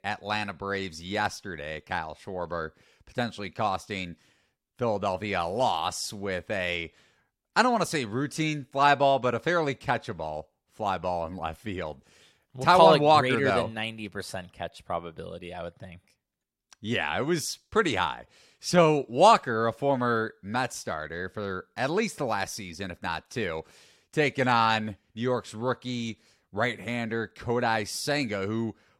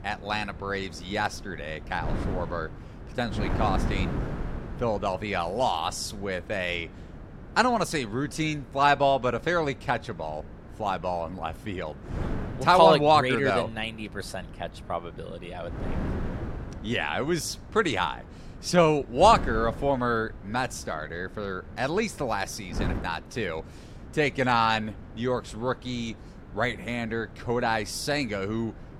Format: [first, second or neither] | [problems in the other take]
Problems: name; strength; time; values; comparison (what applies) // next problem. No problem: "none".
first | wind noise on the microphone; occasional gusts; 20 dB below the speech